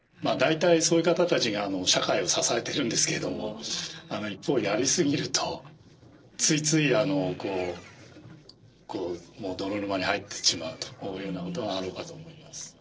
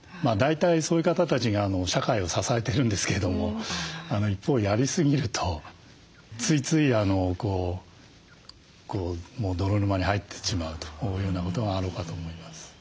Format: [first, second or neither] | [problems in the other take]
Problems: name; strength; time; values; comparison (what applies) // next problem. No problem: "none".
second | noise reduction (neural separator model SepFormer DNS4)